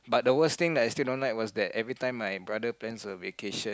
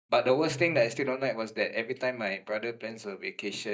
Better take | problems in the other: first | noise reduction (neural mask model DeepFilterNet 3)

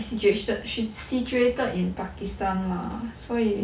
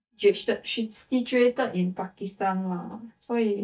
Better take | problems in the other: first | noise reduction (neural mask model DeepFilterNet 3)

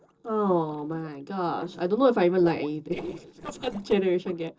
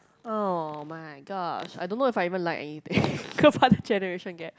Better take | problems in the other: second | noise reduction (neural separator model SepFormer DNS4)

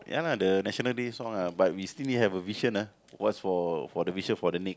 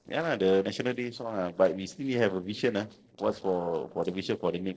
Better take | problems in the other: first | noise reduction (neural separator model SepFormer DNS4)

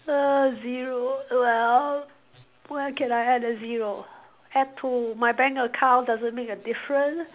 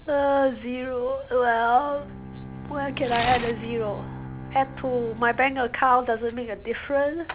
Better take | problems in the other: first | background sound (Tearing + Bowed string instrument); 13 dB below the speech

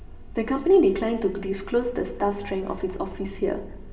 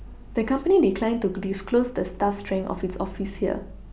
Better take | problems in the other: second | room echo; dies away in 1.9 s

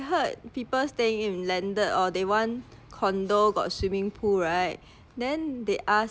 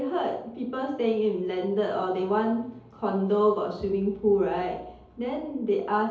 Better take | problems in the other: first | room echo; dies away in 2.2 s

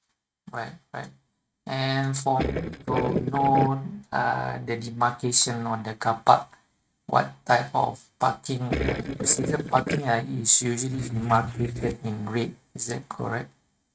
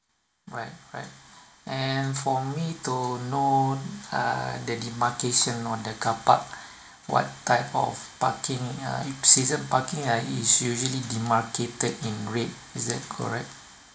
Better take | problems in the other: second | noise reduction (neural mask model RNNoise)

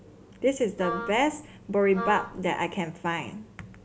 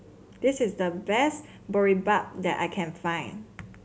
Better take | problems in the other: second | background sound (Wind instrument, woodwind instrument); 9 dB below the speech

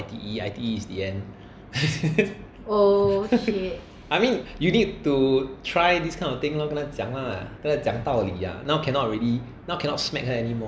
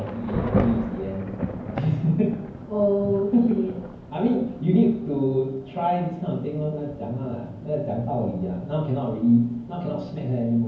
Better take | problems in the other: first | background sound (Thunder / Rain); 10 dB below the speech // room echo; dies away in 0.9 s

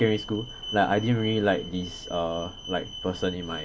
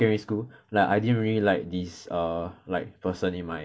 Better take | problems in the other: second | background sound (Alarm); 12 dB below the speech

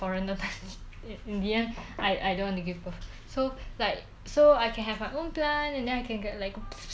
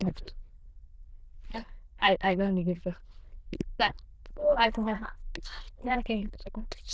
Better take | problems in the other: first | noise reduction (neural diffusion model UNIVERSE++)

